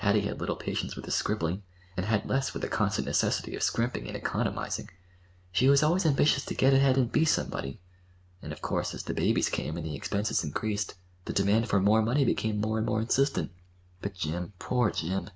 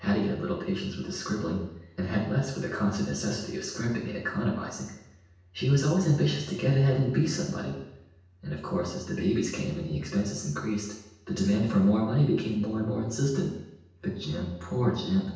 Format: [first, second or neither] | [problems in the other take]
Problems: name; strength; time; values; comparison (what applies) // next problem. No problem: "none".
first | room echo; dies away in 0.9 s